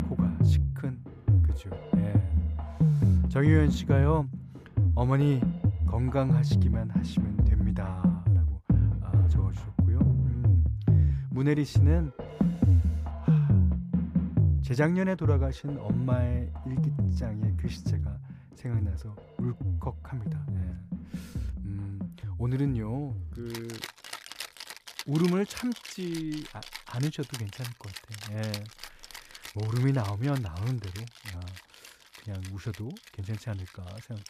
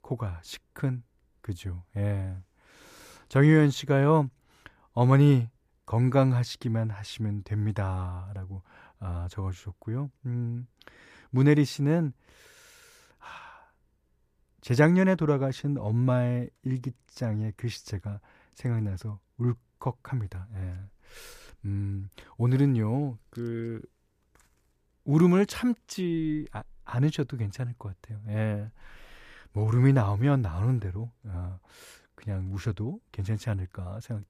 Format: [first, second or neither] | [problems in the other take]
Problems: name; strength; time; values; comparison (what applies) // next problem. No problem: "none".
second | background music; very loud; throughout; 5 dB above the speech